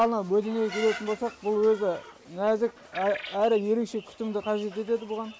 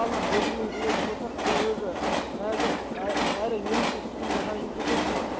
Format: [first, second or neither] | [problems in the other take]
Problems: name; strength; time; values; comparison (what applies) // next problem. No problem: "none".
first | background sound (Train); 4 dB above the speech